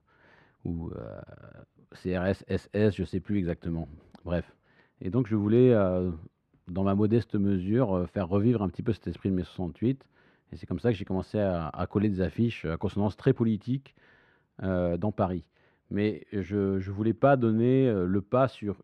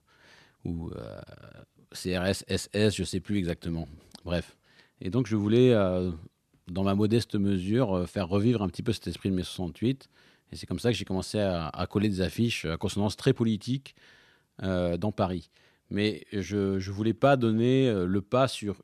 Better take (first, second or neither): second